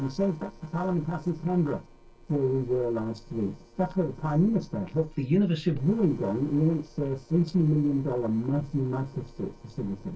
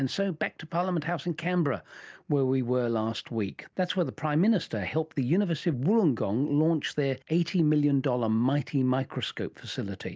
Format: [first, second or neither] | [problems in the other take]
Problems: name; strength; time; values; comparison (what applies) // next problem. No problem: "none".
second | noise reduction (neural separator model SepFormer DNS4)